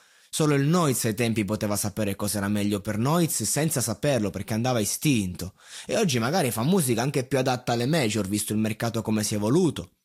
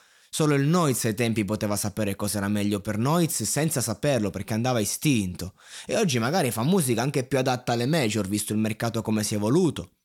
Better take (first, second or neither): second